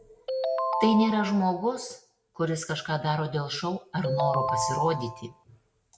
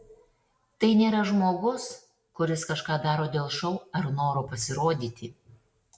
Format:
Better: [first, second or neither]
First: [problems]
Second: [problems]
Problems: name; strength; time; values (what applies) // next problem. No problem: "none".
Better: second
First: background sound (Ringtone); 2 dB below the speech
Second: none